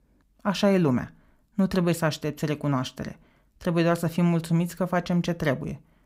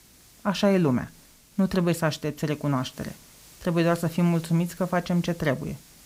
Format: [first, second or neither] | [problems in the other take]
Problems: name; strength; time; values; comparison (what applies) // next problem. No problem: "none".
first | hiss; faint; throughout; 25 dB below the speech